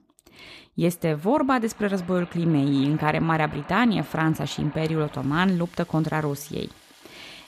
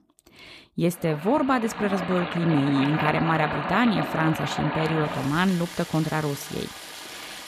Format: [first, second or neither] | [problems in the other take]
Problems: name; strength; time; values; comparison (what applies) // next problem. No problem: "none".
first | rain or running water; loud; throughout; 6 dB below the speech; faint in the first